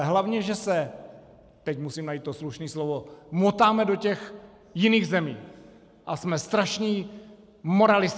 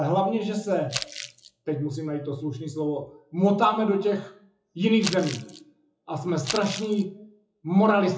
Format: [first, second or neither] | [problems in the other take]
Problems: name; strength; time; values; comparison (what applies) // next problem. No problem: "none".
first | noise reduction (classical method WPE with log-MMSE)